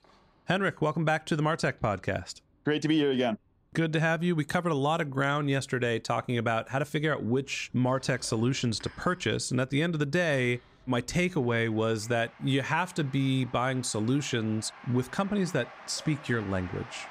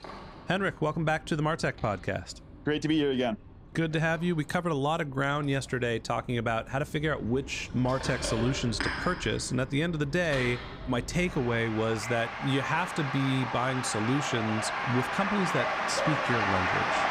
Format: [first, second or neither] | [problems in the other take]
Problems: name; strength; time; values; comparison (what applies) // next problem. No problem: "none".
first | rain or running water; loud; throughout; 3 dB below the speech; faint in the first